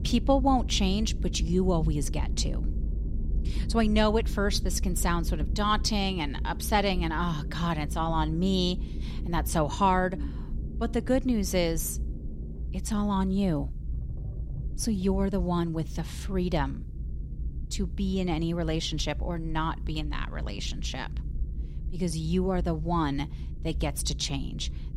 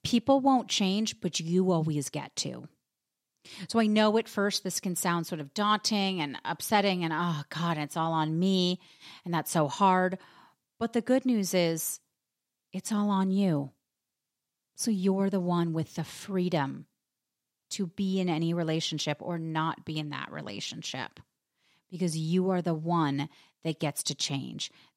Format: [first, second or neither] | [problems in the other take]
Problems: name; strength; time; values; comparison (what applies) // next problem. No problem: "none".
second | low rumble; noticeable; throughout; 20 dB below the speech